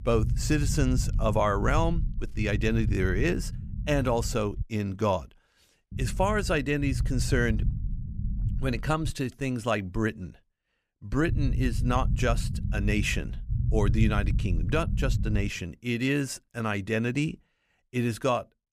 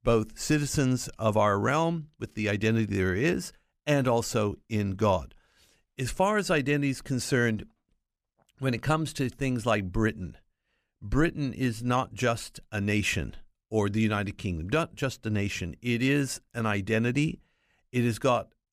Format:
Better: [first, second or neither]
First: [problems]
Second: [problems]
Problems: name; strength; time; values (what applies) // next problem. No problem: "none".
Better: second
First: low rumble; noticeable; until 4.5 s, from 6 to 9 s and from 11 to 16 s; 15 dB below the speech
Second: none